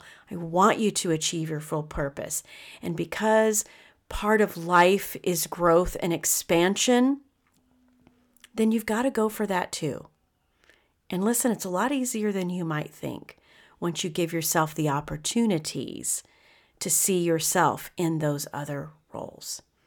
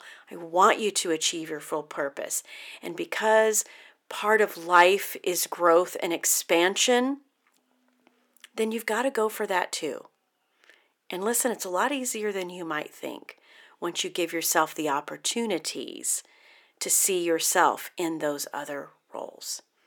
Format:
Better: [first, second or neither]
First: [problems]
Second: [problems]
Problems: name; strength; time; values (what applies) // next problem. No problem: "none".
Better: first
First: none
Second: thin; somewhat; fading below 300 Hz